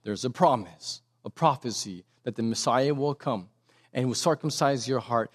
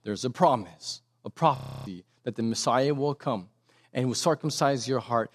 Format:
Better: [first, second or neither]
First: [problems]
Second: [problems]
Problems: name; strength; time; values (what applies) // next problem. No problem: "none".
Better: first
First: none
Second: audio freezing; at 1.5 s